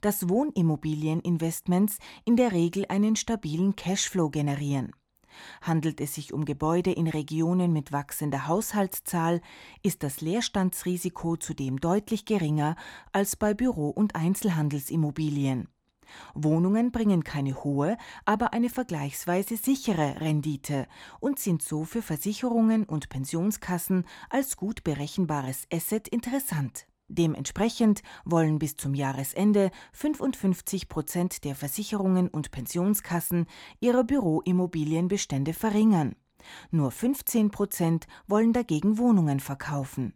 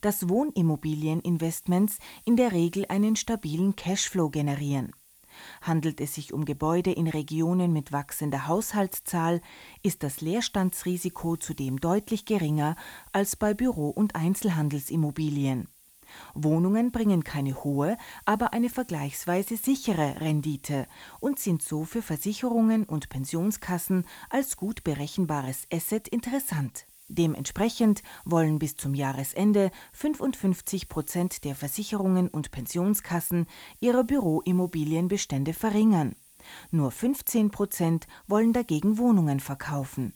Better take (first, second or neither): first